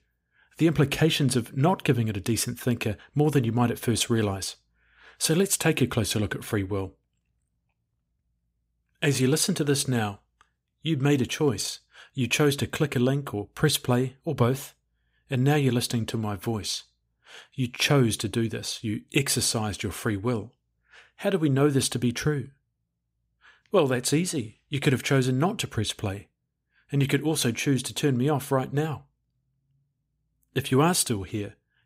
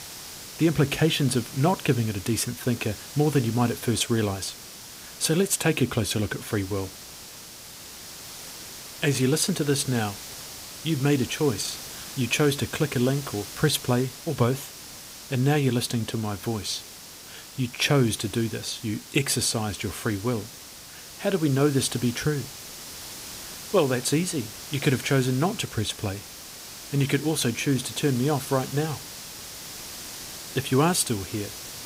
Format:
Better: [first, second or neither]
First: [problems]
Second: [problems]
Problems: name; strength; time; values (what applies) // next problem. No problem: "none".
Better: first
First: none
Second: hiss; noticeable; throughout; 10 dB below the speech